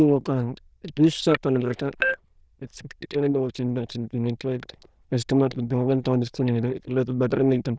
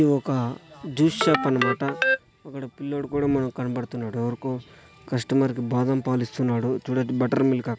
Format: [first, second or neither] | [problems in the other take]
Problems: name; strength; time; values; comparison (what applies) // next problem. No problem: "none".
second | noise reduction (neural diffusion model UNIVERSE++)